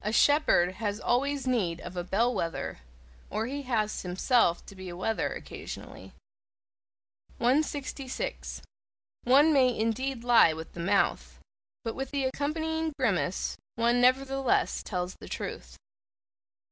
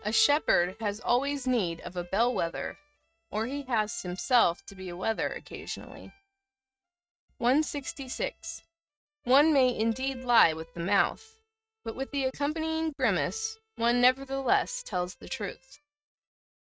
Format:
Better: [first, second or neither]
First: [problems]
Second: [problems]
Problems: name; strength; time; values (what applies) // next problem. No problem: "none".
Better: first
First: none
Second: noise reduction (neural mask model RNNoise)